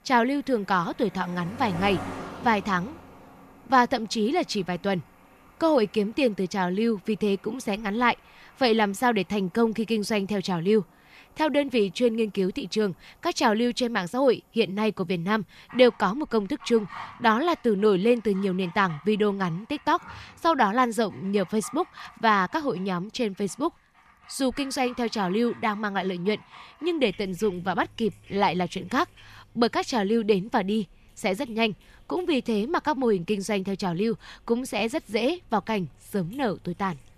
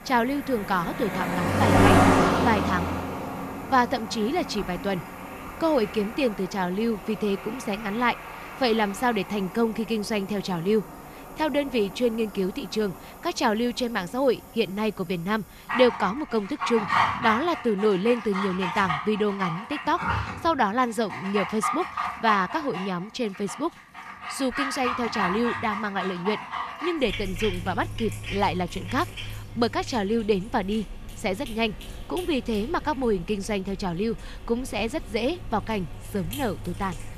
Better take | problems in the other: first | animal sounds; loud; throughout; 3 dB below the speech; faint in the first

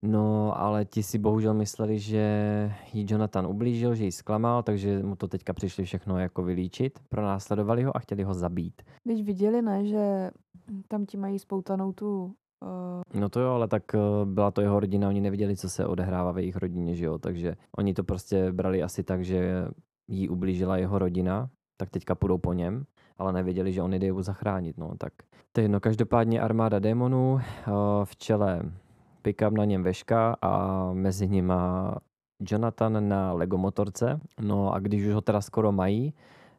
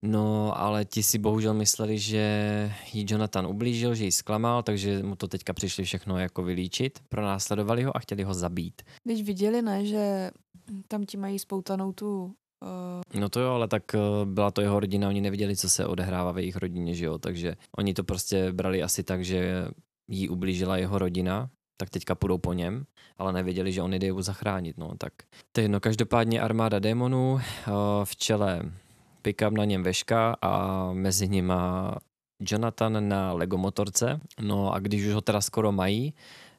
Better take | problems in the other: second | muffled; slightly; fading above 2 kHz

